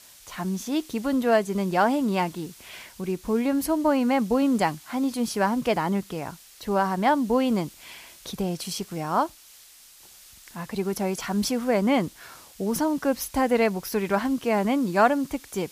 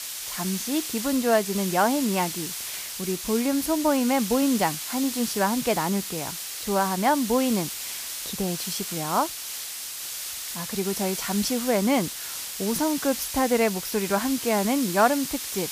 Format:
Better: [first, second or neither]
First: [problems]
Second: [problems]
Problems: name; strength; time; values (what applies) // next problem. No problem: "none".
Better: first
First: hiss; faint; throughout; 20 dB below the speech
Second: hiss; loud; throughout; 5 dB below the speech